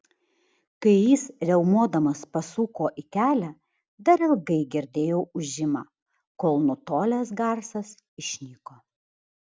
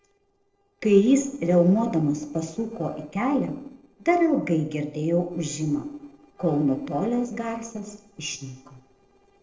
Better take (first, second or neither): first